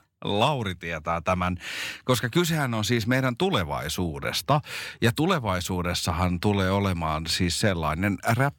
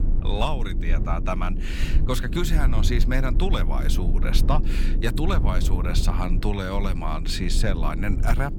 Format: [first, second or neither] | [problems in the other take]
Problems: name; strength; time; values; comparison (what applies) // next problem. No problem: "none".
first | low rumble; loud; throughout; 10 dB below the speech